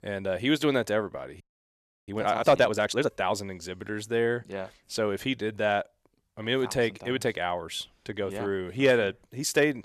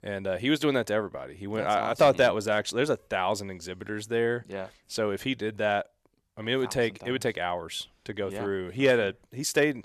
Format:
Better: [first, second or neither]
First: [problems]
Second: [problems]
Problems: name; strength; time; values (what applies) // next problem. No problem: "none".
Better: second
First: audio freezing; at 1.5 s for 0.5 s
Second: none